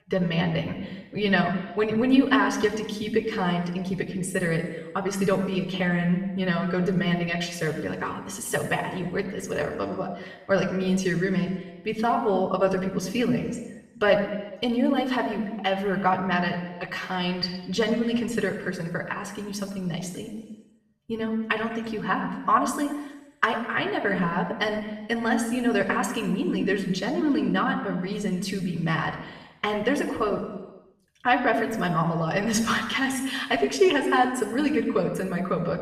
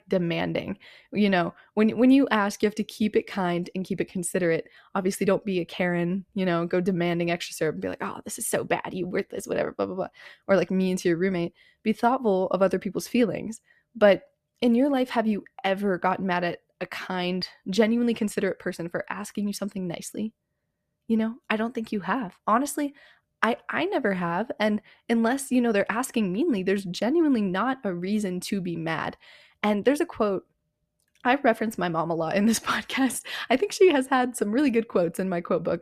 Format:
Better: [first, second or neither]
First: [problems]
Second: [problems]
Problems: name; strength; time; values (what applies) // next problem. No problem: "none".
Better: second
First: room echo; noticeable; dies away in 1.1 s // off-mic speech; somewhat distant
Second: none